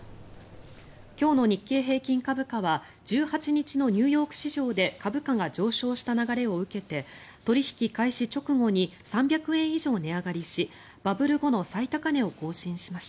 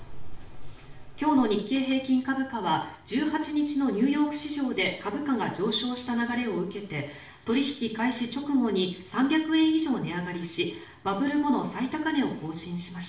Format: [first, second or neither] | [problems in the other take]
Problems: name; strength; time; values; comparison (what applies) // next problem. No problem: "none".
first | room echo; dies away in 0.6 s